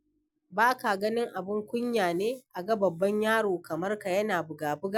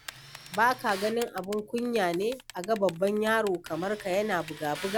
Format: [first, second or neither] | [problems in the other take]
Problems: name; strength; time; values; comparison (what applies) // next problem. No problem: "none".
first | background sound (Tools + Typing); 16 dB below the speech